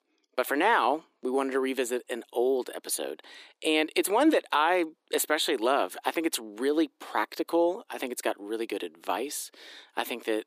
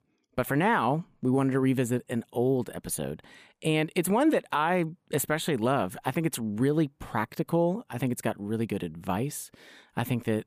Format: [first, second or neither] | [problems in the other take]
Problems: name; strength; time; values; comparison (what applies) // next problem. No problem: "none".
second | thin; somewhat; fading below 300 Hz